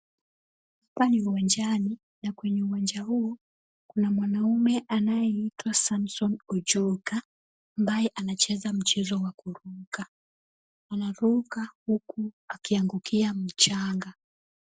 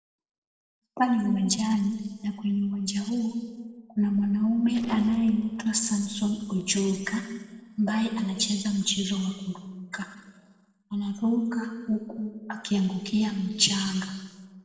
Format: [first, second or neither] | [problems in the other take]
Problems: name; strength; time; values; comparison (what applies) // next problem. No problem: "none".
first | noise reduction (neural separator model SepFormer DNS4)